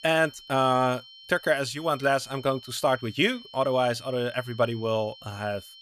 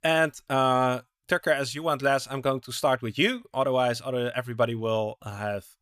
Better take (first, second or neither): second